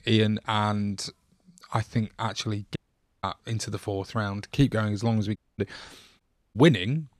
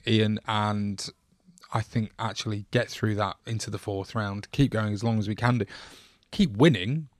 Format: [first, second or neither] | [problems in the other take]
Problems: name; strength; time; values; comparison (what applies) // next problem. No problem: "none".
second | audio cutting out; at 3 s, at 5.5 s and at 6 s